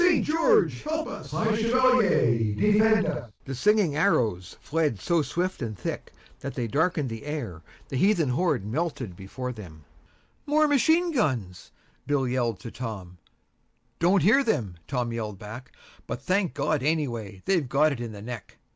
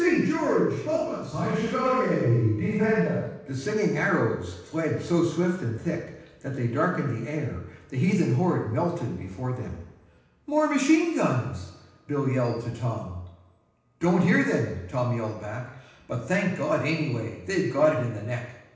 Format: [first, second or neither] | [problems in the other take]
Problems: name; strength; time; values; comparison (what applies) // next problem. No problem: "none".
first | room echo; dies away in 0.9 s